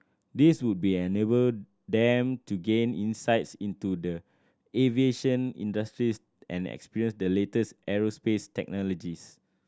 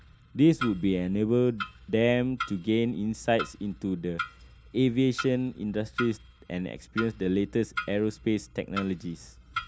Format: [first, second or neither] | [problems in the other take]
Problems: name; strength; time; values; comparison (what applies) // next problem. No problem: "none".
first | background sound (Clock); 12 dB below the speech